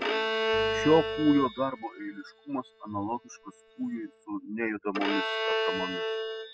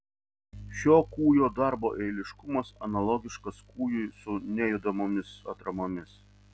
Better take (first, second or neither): second